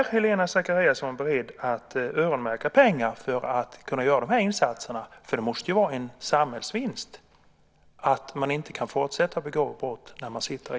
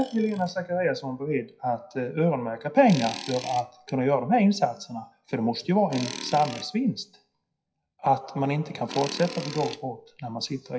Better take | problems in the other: first | noise reduction (classical method WPE with log-MMSE)

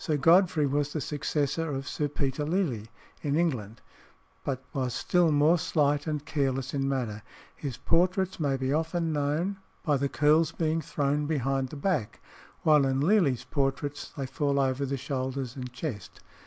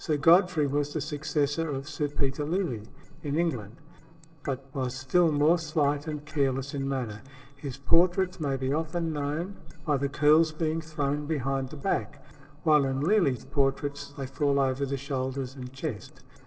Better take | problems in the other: first | noise reduction (neural separator model SepFormer DNS4)

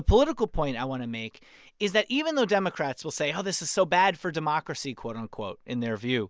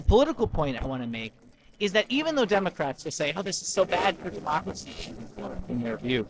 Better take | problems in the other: first | noise reduction (neural separator model SepFormer DNS4)

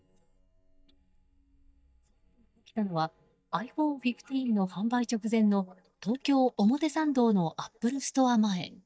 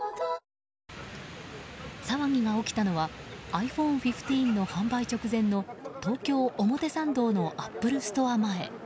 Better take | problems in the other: second | noise reduction (neural mask model DeepFilterNet 3)

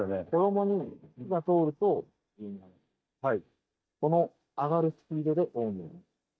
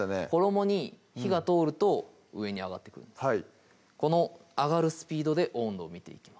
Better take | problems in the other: second | noise reduction (neural mask model DeepFilterNet 3)

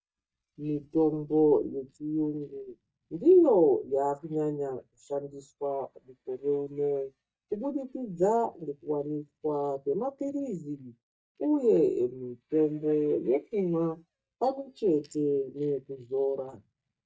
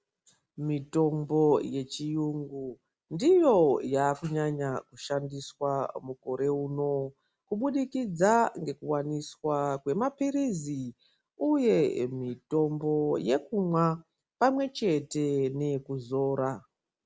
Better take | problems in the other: second | noise reduction (neural mask model DeepFilterNet 3)

